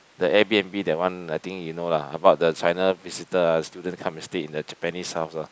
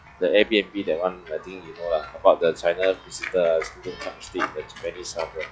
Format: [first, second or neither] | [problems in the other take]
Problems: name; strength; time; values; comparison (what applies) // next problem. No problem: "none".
first | noise reduction (classical method log-MMSE)